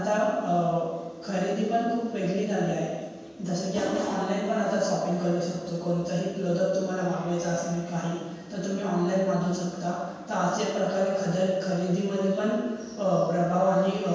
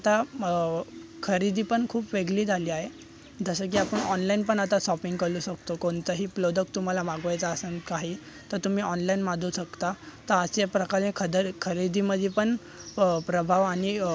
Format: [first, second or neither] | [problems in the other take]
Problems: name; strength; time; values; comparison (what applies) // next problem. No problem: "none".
second | room echo; dies away in 1.2 s